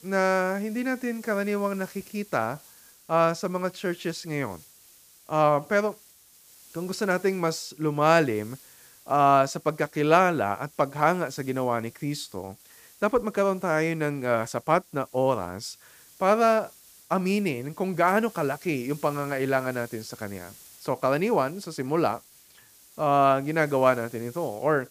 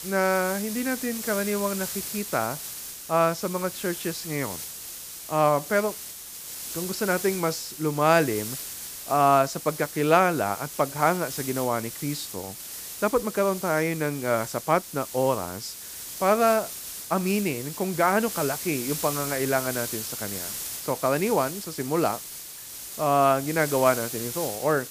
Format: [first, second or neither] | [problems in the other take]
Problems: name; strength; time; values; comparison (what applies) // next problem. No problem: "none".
first | hiss; loud; throughout; 8 dB below the speech; faint in the first